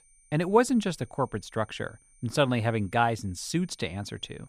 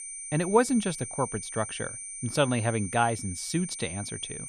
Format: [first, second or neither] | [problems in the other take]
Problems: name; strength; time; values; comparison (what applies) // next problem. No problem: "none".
first | high-pitched whine; loud; throughout; 9 kHz, 8 dB below the speech; faint in the first